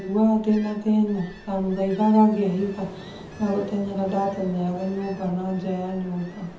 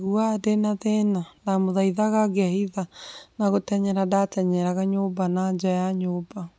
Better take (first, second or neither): second